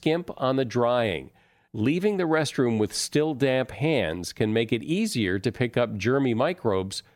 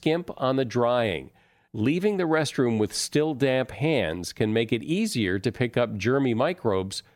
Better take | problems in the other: neither | none

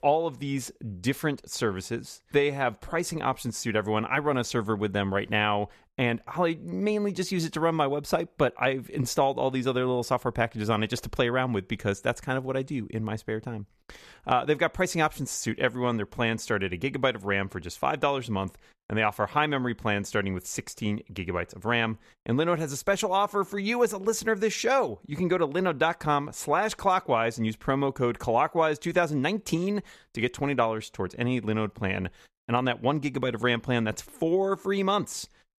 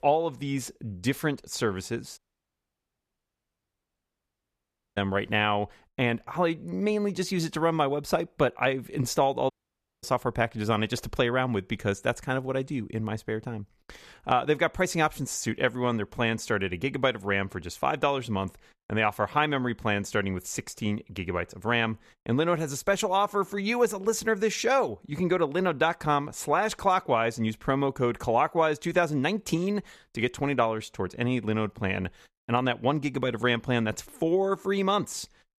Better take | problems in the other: first | audio cutting out; at 2 s for 3 s and at 9.5 s for 0.5 s

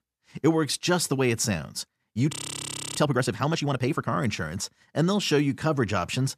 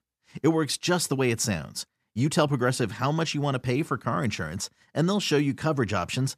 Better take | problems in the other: second | audio freezing; at 2.5 s for 0.5 s

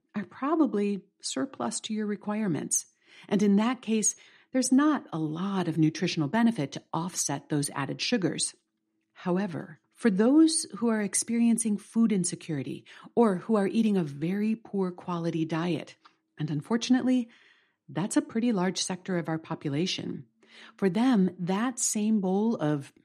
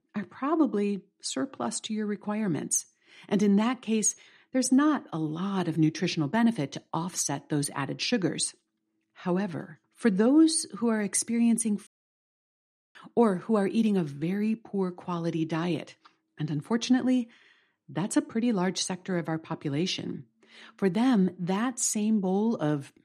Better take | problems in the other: first | audio cutting out; at 12 s for 1 s

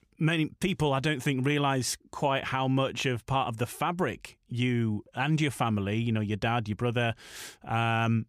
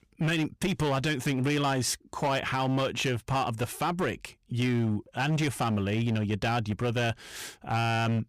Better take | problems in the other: first | distortion; slight; 14% of the sound clipped

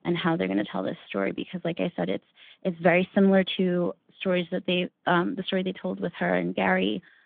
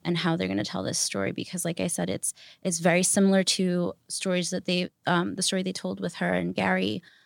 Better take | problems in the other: second | phone-call audio; nothing above 3.5 kHz

